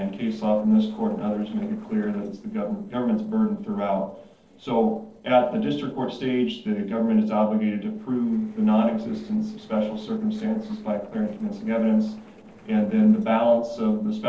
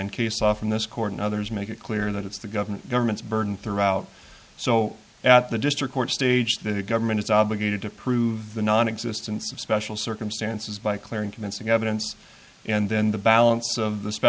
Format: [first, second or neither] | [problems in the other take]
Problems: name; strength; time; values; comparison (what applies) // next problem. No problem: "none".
second | noise reduction (neural separator model SepFormer DNS4)